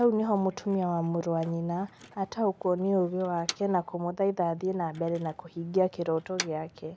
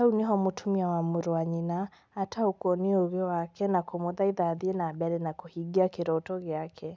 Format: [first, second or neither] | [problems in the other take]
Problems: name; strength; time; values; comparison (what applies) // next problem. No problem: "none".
second | background sound (Motor vehicle (road)); 17 dB below the speech